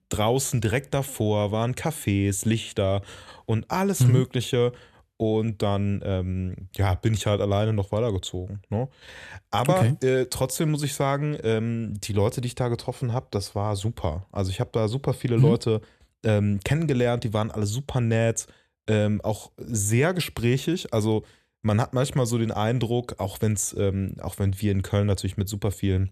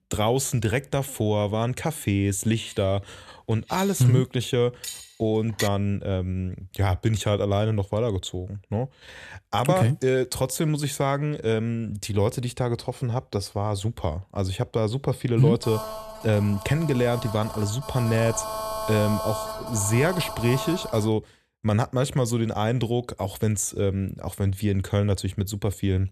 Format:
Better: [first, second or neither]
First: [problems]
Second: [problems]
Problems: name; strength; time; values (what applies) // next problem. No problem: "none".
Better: first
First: none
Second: clattering dishes; noticeable; from 2.5 to 5.5 s; peak 7 dB below the speech // phone ringing; noticeable; from 16 to 21 s; peak 4 dB below the speech